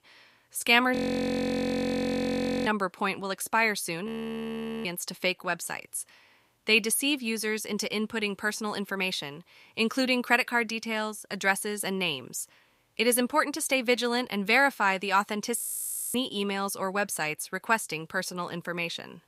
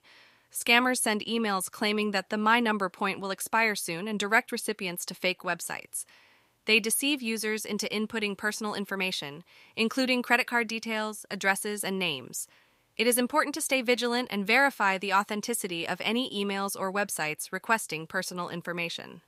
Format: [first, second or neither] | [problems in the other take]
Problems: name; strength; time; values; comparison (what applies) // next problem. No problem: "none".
second | audio freezing; at 1 s for 1.5 s, at 4 s for 1 s and at 16 s for 0.5 s